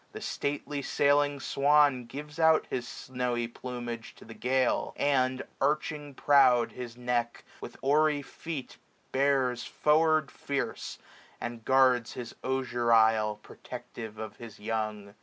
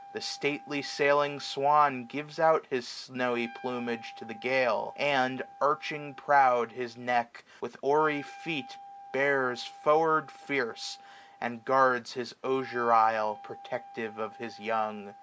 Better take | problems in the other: first | background sound (Wind instrument, woodwind instrument); 20 dB below the speech

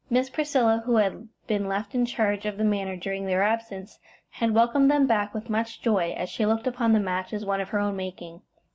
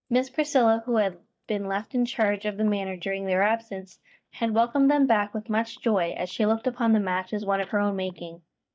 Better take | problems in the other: first | noise reduction (neural mask model DeepFilterNet 3)

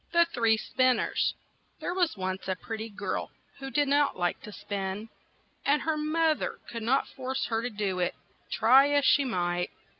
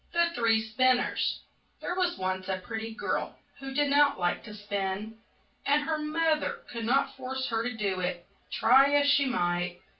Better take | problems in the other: first | room echo; dies away in 0.2 s

